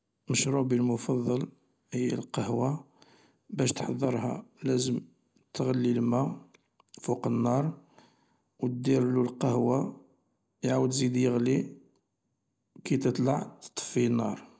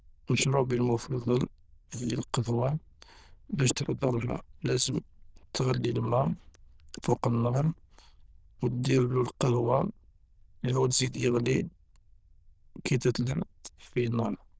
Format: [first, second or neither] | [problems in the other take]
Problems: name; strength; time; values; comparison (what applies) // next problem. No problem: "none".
first | noise reduction (neural diffusion model UNIVERSE++)